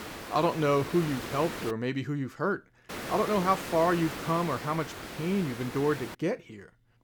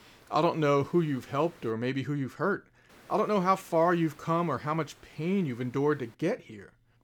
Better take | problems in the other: second | hiss; loud; until 1.5 s and from 3 to 6 s; 9 dB below the speech; faint in the second

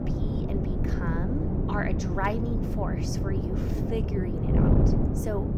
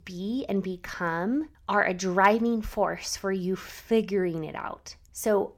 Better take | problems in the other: second | wind noise on the microphone; heavy; as loud as the speech

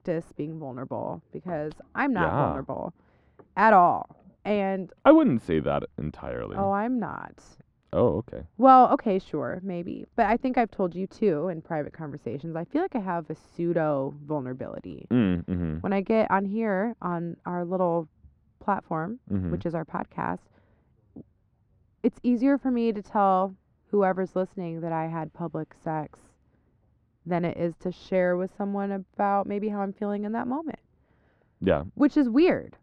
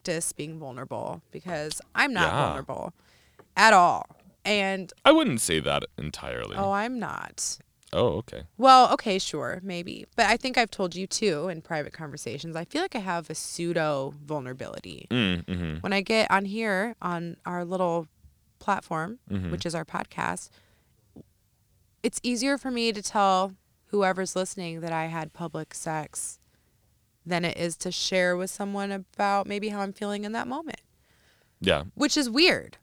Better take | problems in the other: second | muffled; very; fading above 3 kHz

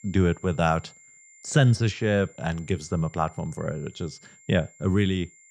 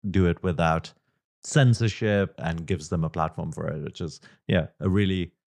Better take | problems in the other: second | high-pitched whine; faint; throughout; 7.5 kHz, 25 dB below the speech

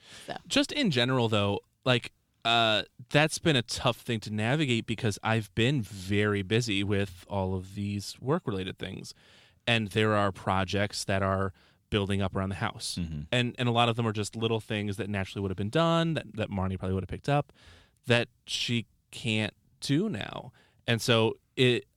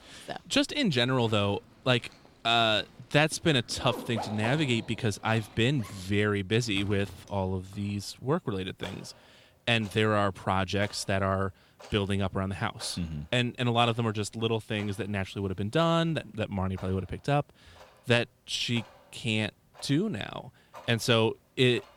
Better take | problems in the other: first | household noises; noticeable; throughout; 20 dB below the speech

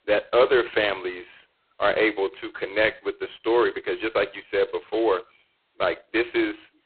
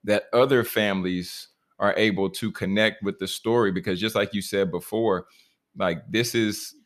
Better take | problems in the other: second | phone-call audio; poor line; nothing above 4 kHz

